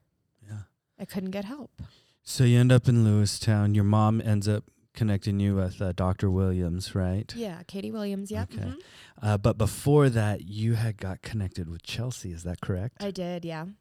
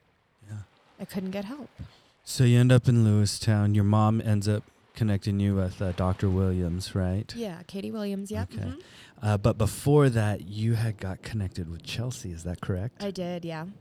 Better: first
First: none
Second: rain or running water; faint; throughout; 30 dB below the speech

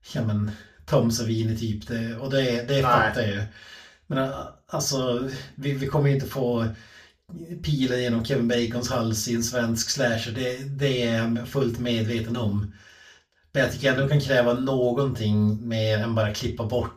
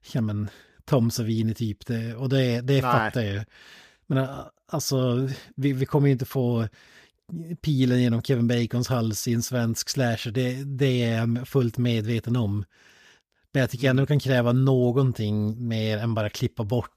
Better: second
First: room echo; very slight; dies away in 0.3 s // off-mic speech; far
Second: none

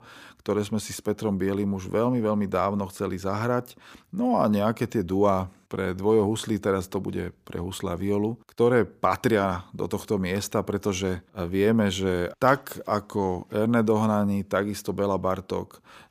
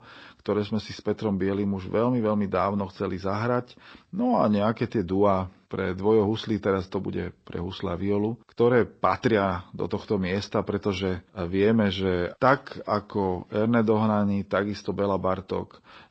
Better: first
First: none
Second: garbled, watery; slightly

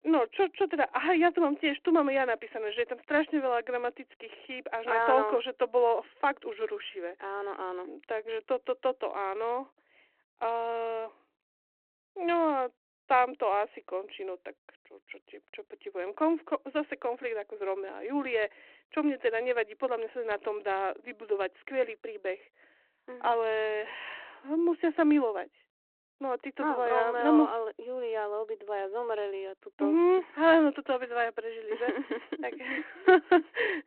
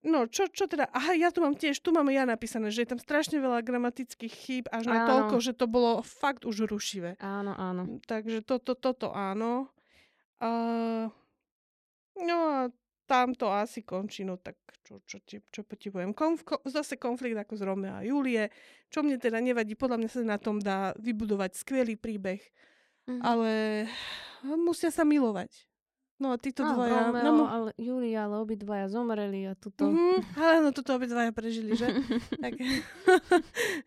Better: second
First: phone-call audio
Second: none

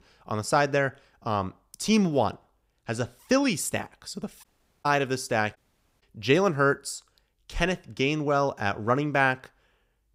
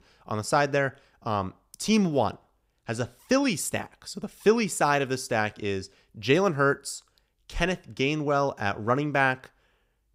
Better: second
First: audio cutting out; at 4.5 s and at 5.5 s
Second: none

